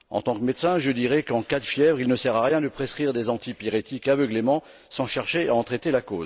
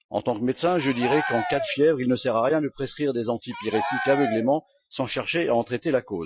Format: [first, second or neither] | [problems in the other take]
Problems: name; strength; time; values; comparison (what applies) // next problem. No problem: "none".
first | noise reduction (classical method Wiener filter)